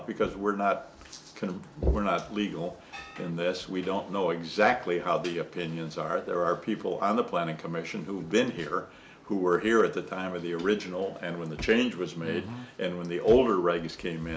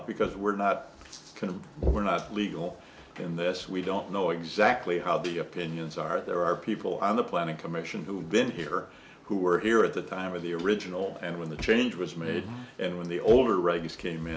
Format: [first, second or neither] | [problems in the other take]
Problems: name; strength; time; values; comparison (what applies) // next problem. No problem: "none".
second | background sound (Gong); 16 dB below the speech